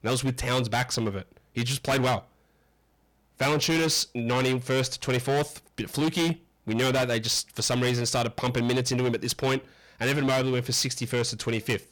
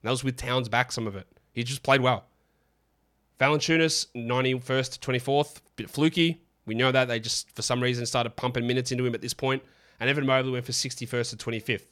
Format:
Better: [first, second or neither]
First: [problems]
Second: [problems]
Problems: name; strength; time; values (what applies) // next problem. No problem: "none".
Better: second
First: distortion; heavy; 16% of the sound clipped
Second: none